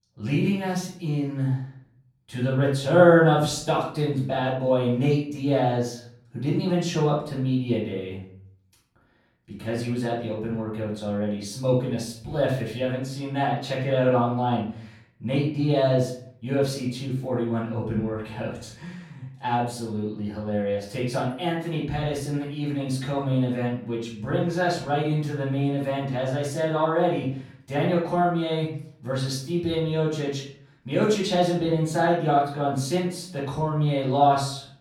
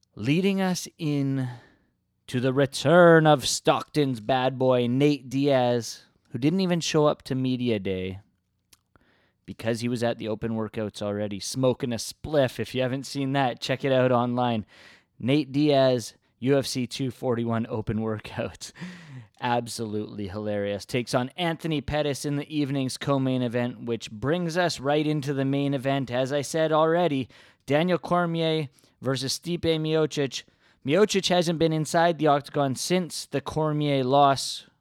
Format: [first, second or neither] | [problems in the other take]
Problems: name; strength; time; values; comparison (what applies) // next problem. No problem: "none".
second | off-mic speech; far // room echo; noticeable; dies away in 0.5 s